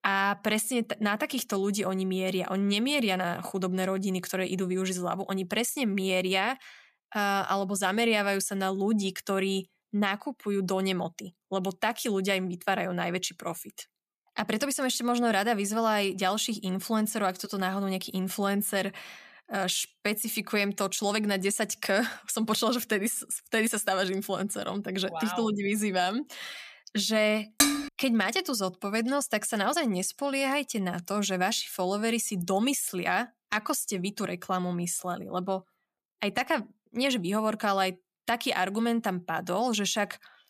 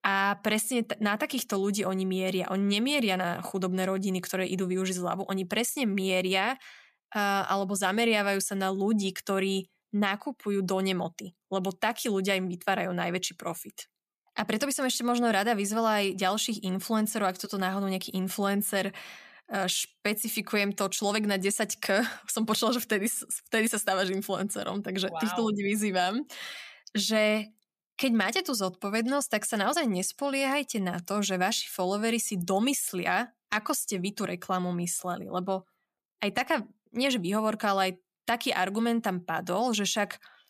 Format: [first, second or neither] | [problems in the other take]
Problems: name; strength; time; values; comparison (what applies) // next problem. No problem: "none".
second | clattering dishes; loud; at 28 s; peak 5 dB above the speech